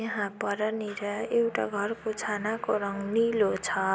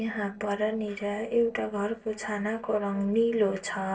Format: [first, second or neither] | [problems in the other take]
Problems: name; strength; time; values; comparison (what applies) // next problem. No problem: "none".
first | noise reduction (neural separator model SepFormer DNS4)